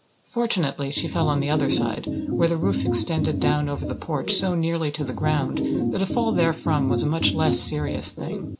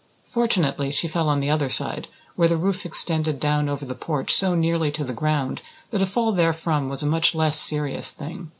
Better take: second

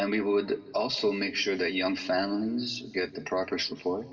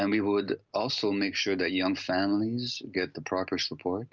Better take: second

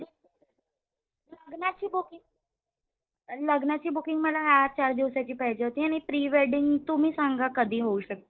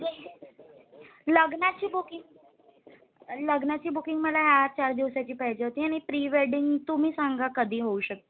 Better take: second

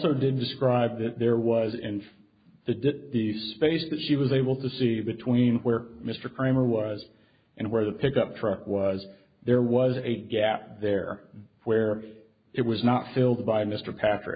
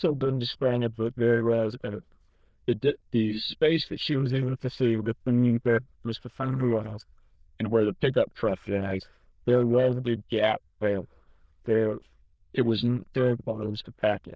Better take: first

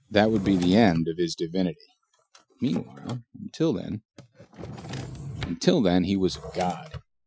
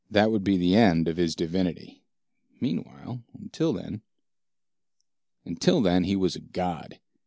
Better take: second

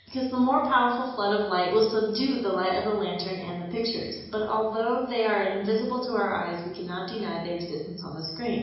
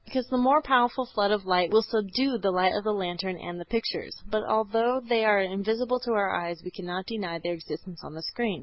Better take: second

